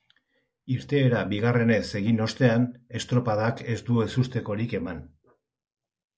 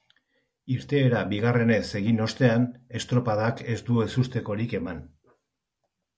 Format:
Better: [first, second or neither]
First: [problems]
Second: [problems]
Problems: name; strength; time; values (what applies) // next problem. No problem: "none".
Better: second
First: noise reduction (neural mask model Resemble Enhance denoiser)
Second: none